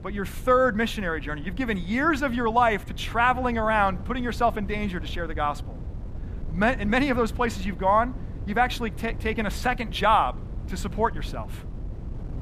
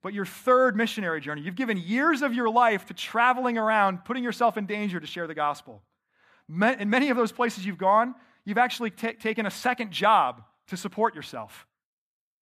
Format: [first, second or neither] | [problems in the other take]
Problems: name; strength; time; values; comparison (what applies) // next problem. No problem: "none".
second | wind noise on the microphone; occasional gusts; 25 dB below the speech